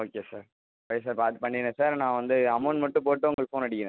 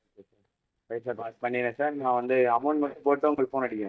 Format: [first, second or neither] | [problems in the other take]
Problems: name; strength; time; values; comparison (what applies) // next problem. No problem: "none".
first | noise reduction (neural mask model DeepFilterNet 3)